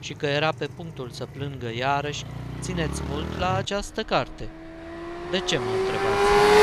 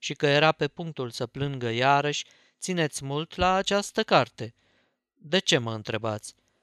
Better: second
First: traffic noise; very loud; throughout; 2 dB above the speech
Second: none

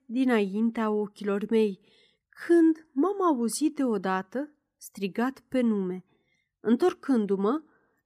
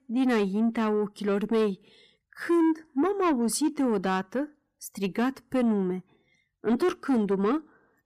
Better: first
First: none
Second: distortion; slight; 10 dB below the speech

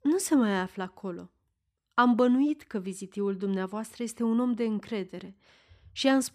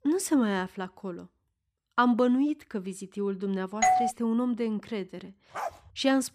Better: first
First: none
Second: doorbell; loud; at 4 s; peak 5 dB above the speech // dog barking; noticeable; at 5.5 s; peak 8 dB below the speech

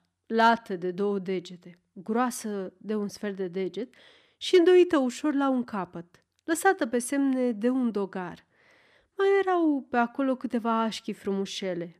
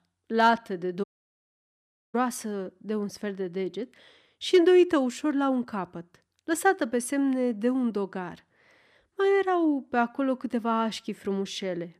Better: first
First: none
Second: audio cutting out; at 1 s for 1 s

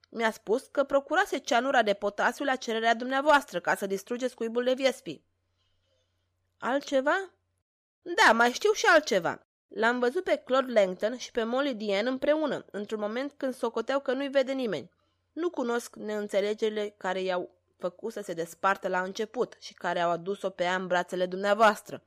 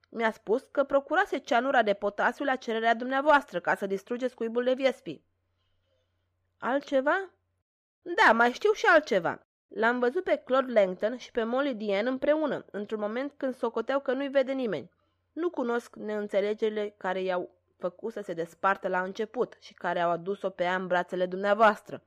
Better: first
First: none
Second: muffled; slightly; fading above 3.5 kHz

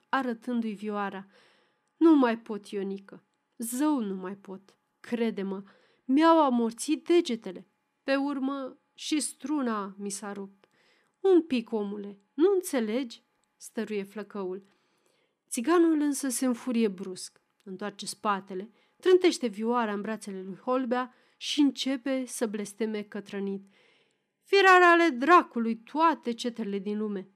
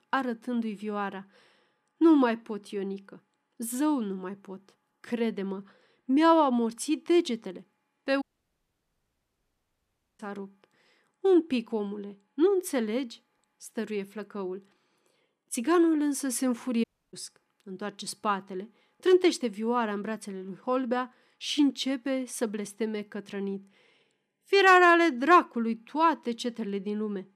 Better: first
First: none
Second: audio cutting out; at 8 s for 2 s and at 17 s

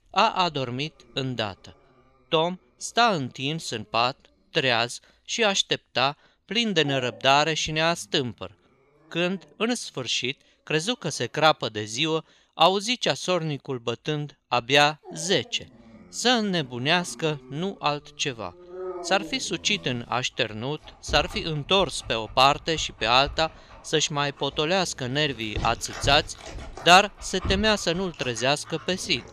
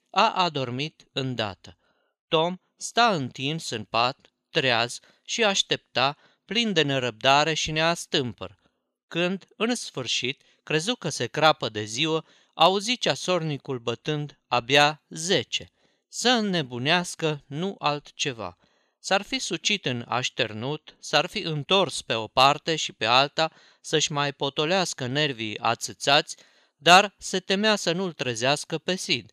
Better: second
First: animal sounds; noticeable; throughout; 15 dB below the speech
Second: none

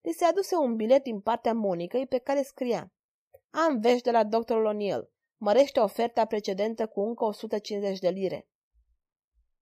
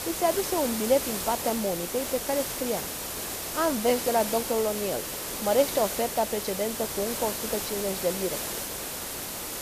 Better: first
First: none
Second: hiss; loud; throughout; 3 dB below the speech

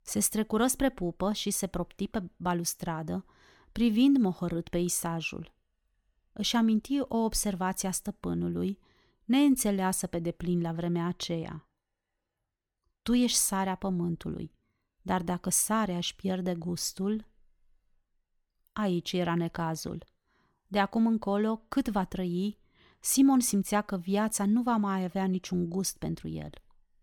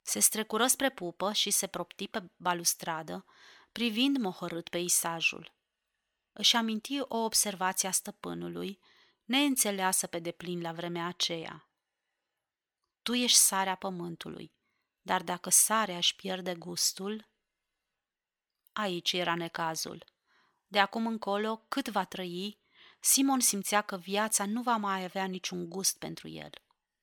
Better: first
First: none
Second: thin; somewhat; fading below 800 Hz

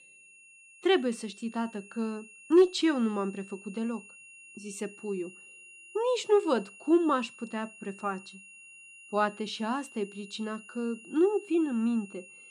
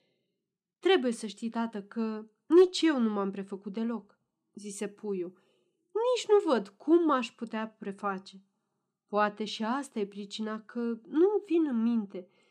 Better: second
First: high-pitched whine; noticeable; throughout; 2.5 kHz, 20 dB below the speech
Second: none

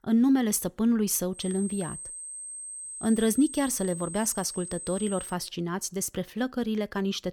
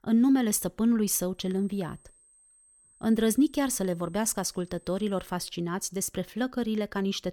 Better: second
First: high-pitched whine; loud; from 1.5 to 5.5 s; 8.5 kHz, 9 dB below the speech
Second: high-pitched whine; faint; from 1.5 to 5.5 s; 8.5 kHz, 30 dB below the speech

